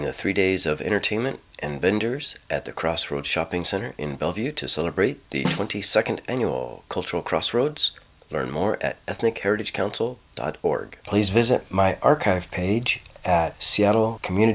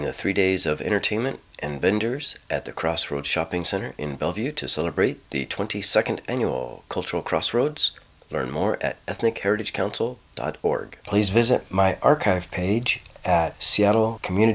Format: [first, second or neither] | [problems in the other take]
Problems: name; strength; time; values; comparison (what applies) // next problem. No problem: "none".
second | background sound (Snare drum); 8 dB below the speech